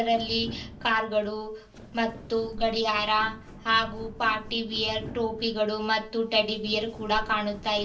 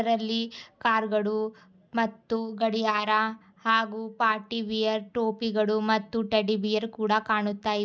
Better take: second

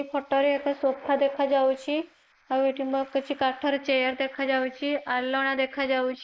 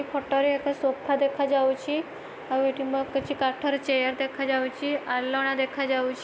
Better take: second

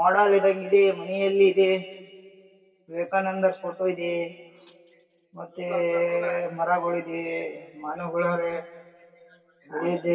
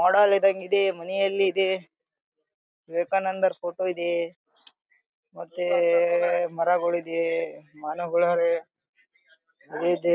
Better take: second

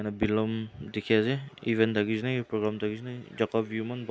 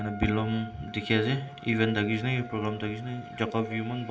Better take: first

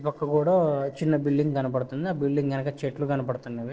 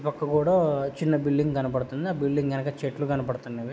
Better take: second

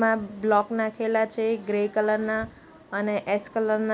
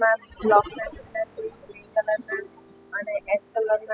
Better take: first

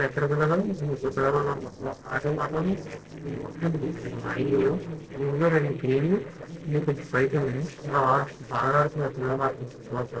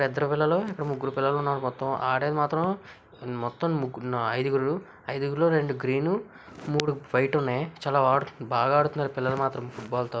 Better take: second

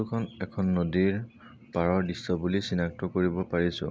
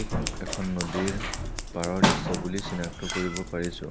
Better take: first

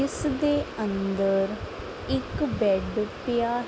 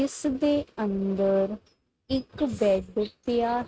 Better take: first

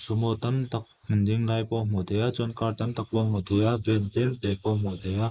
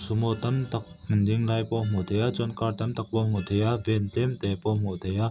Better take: second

